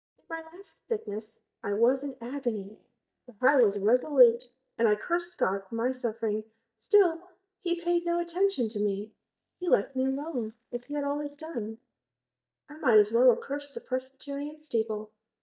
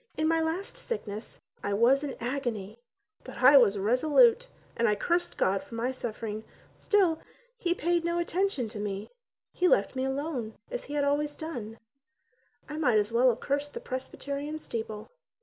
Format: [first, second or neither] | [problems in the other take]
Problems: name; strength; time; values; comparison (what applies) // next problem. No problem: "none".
second | noise reduction (neural mask model DeepFilterNet 3)